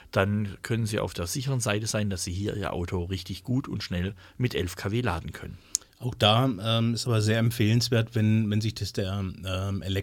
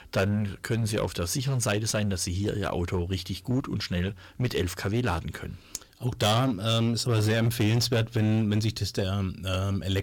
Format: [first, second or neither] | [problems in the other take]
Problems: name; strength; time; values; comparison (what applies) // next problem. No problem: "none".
first | distortion; slight; 11% of the sound clipped